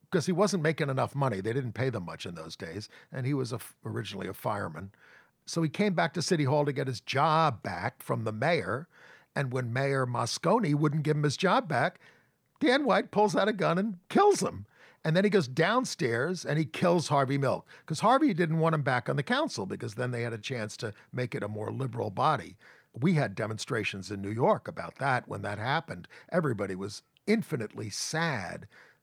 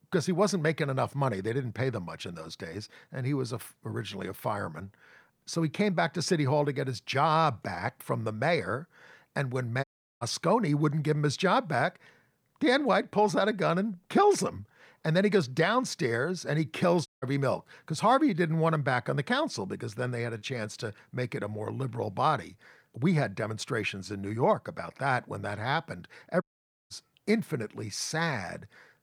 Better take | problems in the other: first | audio cutting out; at 10 s, at 17 s and at 26 s

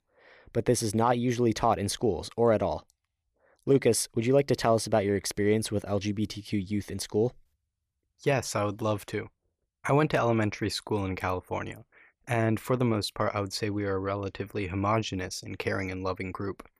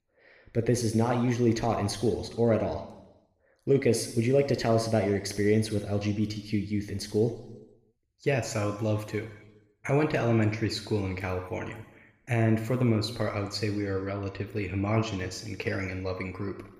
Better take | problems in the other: first | room echo; slight; dies away in 0.9 s

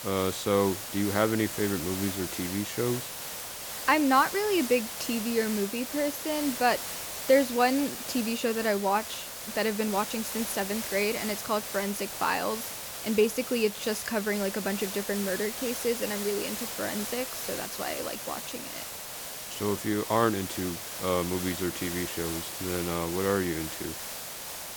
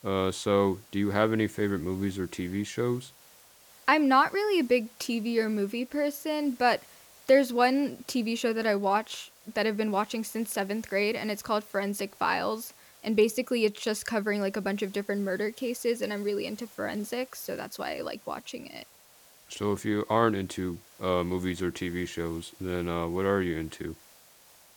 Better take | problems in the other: second | hiss; loud; throughout; 6 dB below the speech; faint in the second

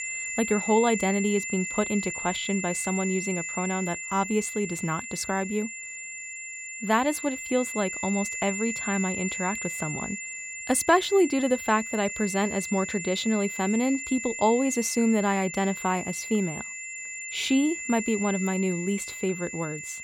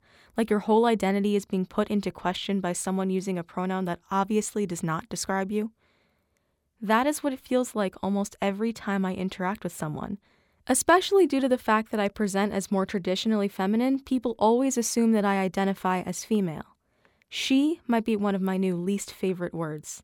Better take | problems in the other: second | high-pitched whine; loud; throughout; 2 kHz, 6 dB below the speech

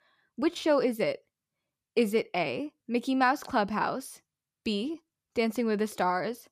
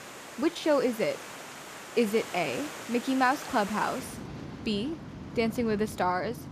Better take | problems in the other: first | rain or running water; noticeable; throughout; 10 dB below the speech

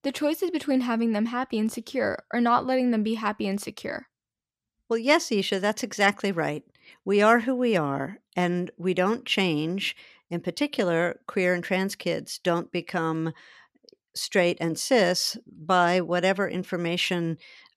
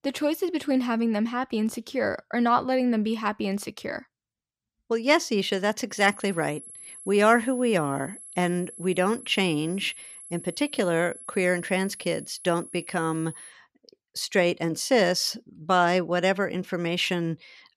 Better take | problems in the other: first | high-pitched whine; noticeable; from 6 to 13 s; 11 kHz, 15 dB below the speech

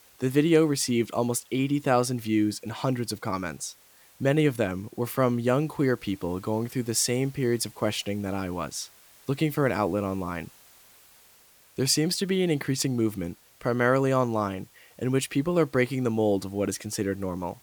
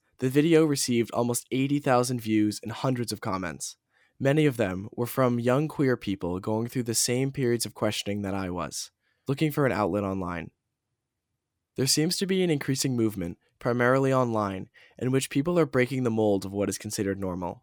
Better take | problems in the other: second | hiss; faint; throughout; 25 dB below the speech

